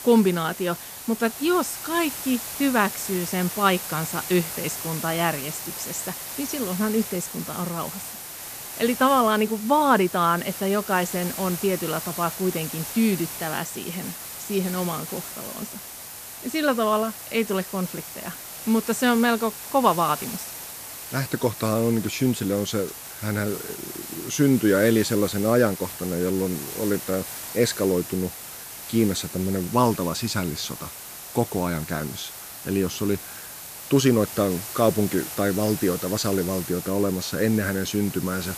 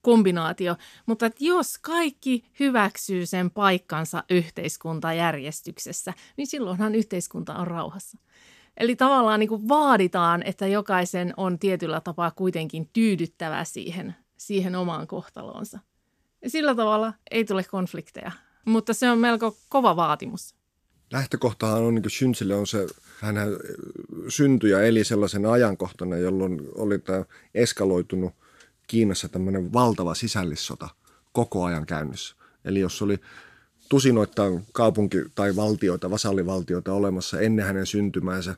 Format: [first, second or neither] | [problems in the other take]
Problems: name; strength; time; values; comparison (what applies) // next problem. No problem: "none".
second | hiss; loud; throughout; 9 dB below the speech